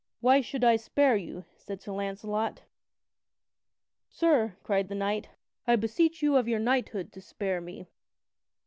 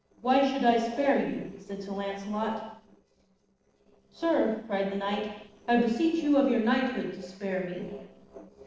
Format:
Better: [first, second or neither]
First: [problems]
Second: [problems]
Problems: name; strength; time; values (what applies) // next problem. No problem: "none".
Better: first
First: none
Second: noise reduction (neural separator model SepFormer DNS4)